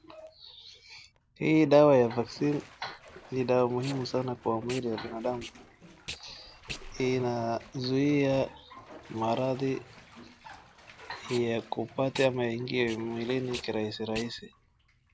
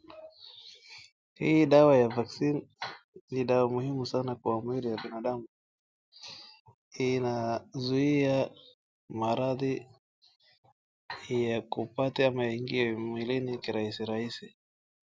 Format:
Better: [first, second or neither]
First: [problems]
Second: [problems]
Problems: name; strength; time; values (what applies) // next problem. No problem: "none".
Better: second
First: background sound (Packing tape, duct tape + Bathtub (filling or washing)); 18 dB below the speech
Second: none